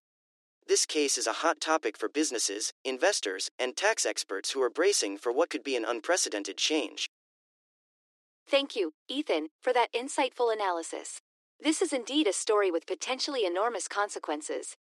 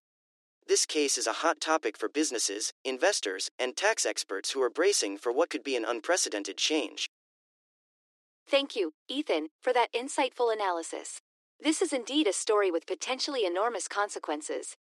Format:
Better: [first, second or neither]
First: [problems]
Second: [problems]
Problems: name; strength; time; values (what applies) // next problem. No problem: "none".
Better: neither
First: thin; somewhat; fading below 300 Hz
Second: thin; somewhat; fading below 300 Hz